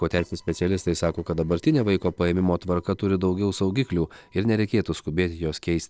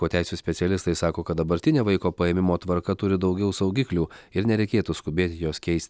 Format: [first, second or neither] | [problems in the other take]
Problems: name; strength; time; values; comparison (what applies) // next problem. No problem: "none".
second | noise reduction (neural separator model SepFormer DNS4)